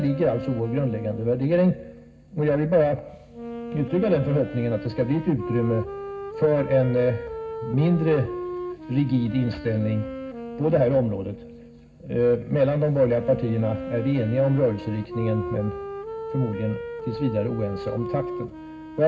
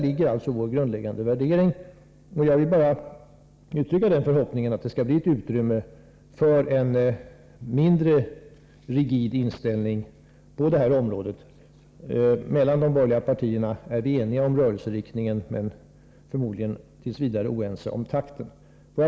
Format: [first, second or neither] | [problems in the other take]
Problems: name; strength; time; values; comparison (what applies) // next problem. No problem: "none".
second | background sound (Wind instrument, woodwind instrument); 10 dB below the speech // room echo; dies away in 0.4 s